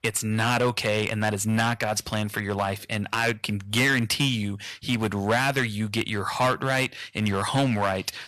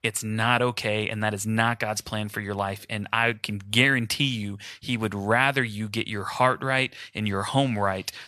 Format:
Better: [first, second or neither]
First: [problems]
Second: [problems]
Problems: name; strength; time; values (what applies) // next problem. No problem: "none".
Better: second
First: distortion; heavy; 6% of the sound clipped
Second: none